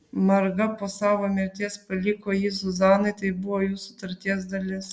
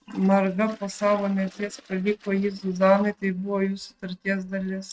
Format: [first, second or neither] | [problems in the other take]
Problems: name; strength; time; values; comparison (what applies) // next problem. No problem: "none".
first | noise reduction (neural mask model RNNoise)